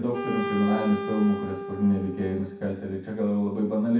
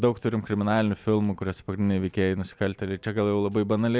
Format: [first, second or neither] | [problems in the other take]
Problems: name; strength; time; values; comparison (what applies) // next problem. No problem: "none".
second | background sound (Wind instrument, woodwind instrument); 9 dB below the speech // room echo; dies away in 0.6 s